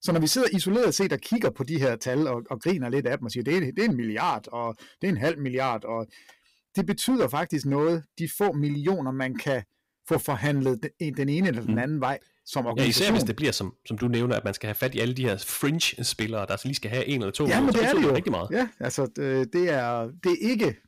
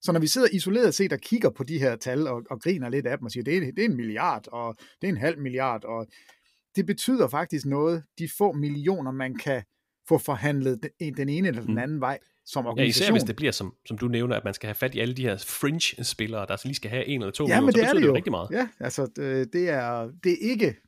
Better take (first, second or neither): second